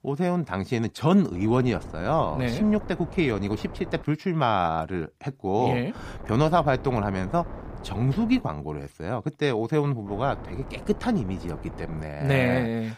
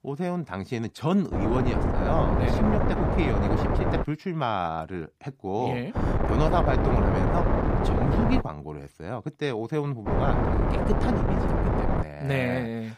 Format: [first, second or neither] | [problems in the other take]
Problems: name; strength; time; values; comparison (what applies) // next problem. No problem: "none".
first | wind noise on the microphone; heavy; from 1.5 to 4 s, from 6 to 8.5 s and from 10 to 12 s; 2 dB above the speech; occasional gusts in the first